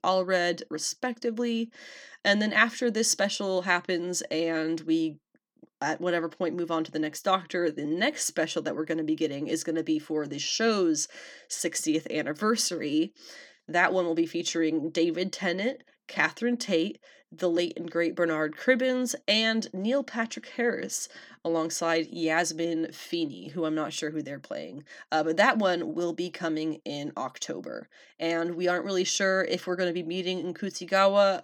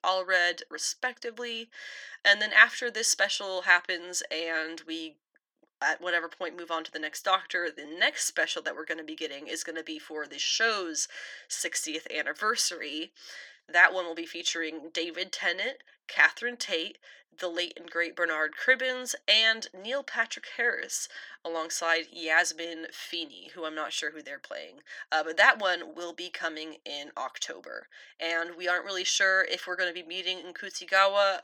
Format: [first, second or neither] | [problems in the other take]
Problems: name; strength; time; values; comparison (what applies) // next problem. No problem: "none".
first | thin; very; fading below 600 Hz